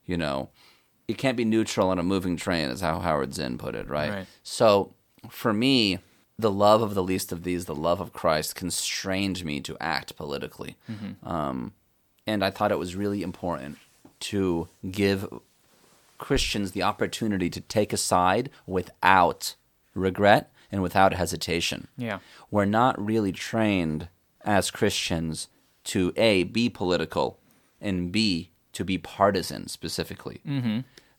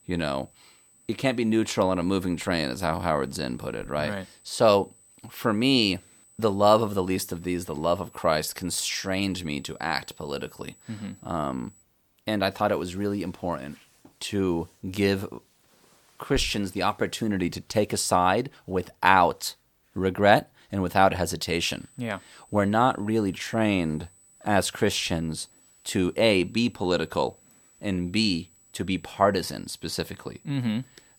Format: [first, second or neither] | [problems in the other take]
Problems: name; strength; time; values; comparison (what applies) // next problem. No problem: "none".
first | high-pitched whine; faint; until 12 s and from 21 s on; 8 kHz, 30 dB below the speech